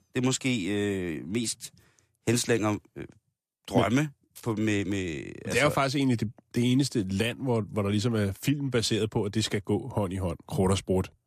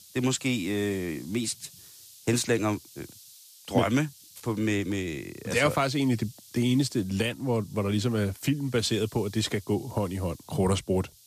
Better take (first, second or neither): first